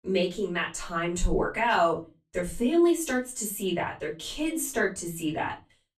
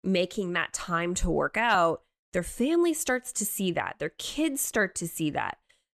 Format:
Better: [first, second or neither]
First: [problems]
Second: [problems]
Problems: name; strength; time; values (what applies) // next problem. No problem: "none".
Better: second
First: off-mic speech; far // room echo; very slight; dies away in 0.3 s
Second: none